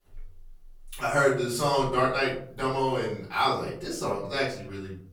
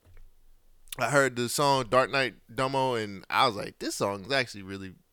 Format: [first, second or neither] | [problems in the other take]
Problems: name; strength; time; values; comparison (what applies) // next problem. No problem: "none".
second | off-mic speech; far // room echo; noticeable; dies away in 0.6 s